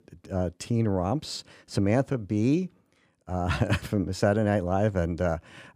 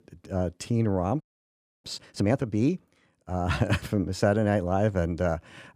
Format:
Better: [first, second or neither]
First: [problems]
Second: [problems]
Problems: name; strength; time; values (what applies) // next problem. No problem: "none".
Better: first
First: none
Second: audio freezing; at 1 s for 0.5 s